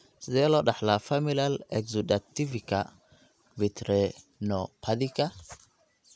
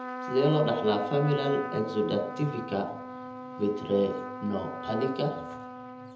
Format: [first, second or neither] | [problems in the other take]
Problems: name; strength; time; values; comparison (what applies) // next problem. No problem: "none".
first | background sound (Trumpet); 9 dB below the speech // room echo; dies away in 0.8 s